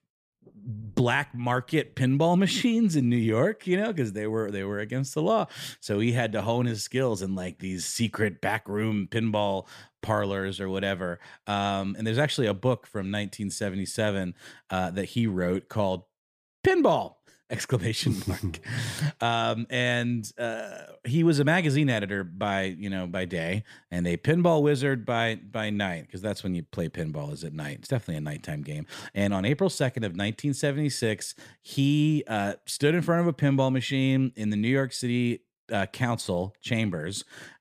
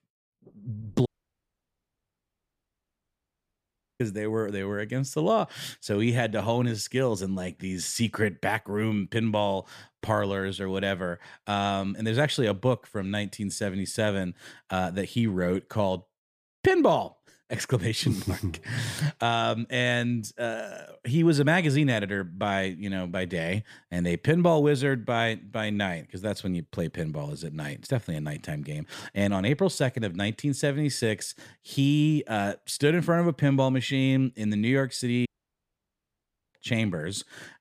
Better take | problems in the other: first | audio cutting out; at 1 s for 3 s and at 35 s for 1.5 s

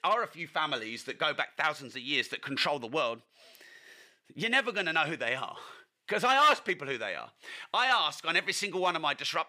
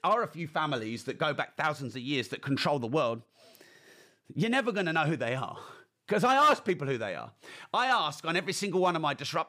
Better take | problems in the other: second | thin; somewhat; fading below 1 kHz

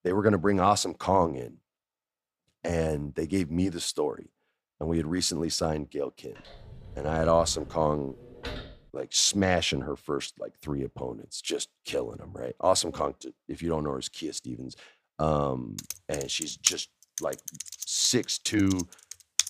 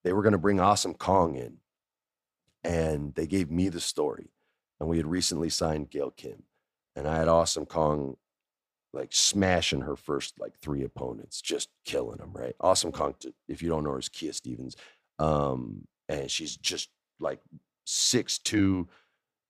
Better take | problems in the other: second | door banging; faint; from 6.5 to 9 s; peak 10 dB below the speech // keyboard typing; loud; from 16 s on; peak 1 dB above the speech

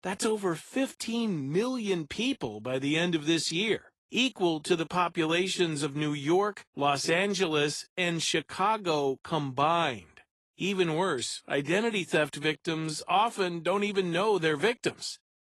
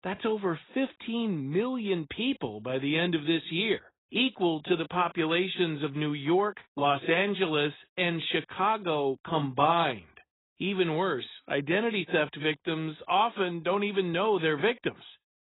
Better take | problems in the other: first | garbled, watery; badly; nothing above 4 kHz; slightly in the first

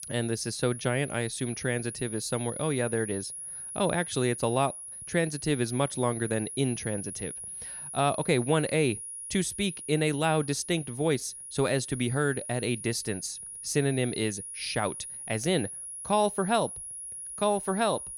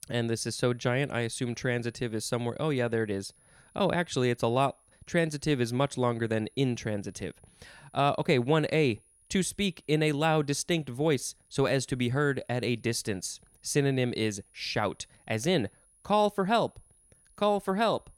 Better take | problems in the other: second | high-pitched whine; loud; throughout; 10.5 kHz, 8 dB below the speech; faint in the second

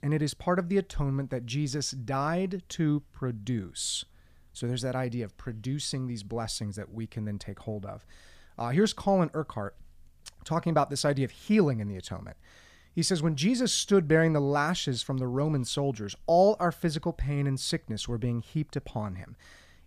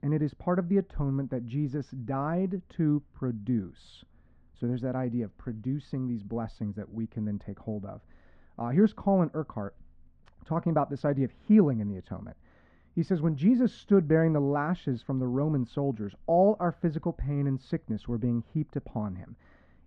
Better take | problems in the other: first | muffled; very; fading above 1.5 kHz

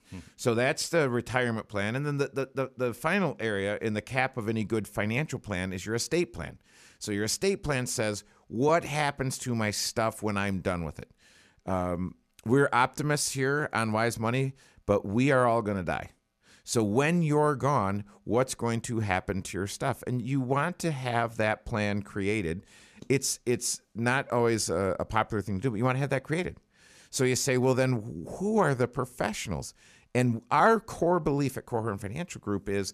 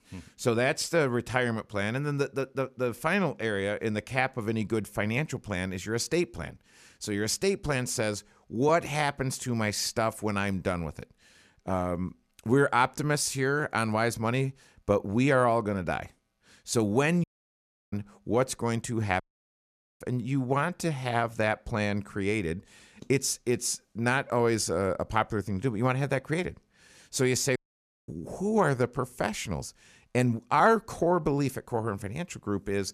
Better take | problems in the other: first | audio cutting out; at 17 s for 0.5 s, at 19 s for 1 s and at 28 s for 0.5 s

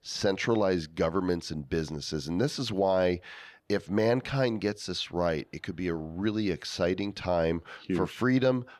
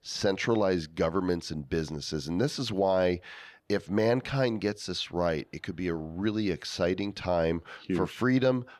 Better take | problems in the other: neither | none

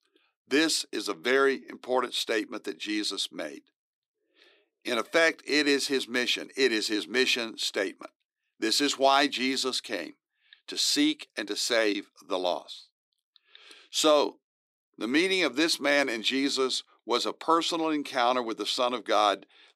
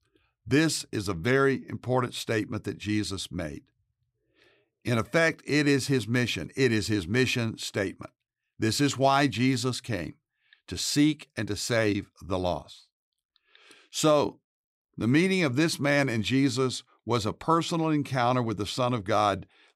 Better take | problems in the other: second | thin; very slightly; fading below 300 Hz

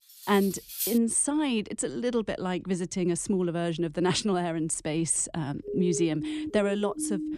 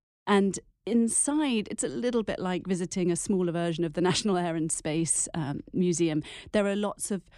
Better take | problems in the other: second | clattering dishes; noticeable; at the start; peak 3 dB below the speech // siren; noticeable; from 5.5 s on; peak 5 dB below the speech

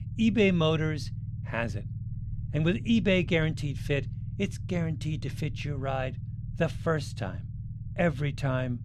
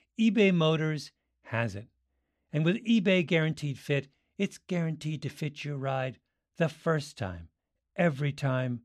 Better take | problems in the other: second | low rumble; noticeable; throughout; 20 dB below the speech

